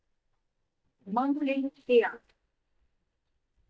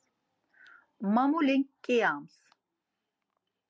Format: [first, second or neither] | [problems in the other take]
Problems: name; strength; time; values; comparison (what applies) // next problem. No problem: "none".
second | noise reduction (neural mask model DeepFilterNet 3)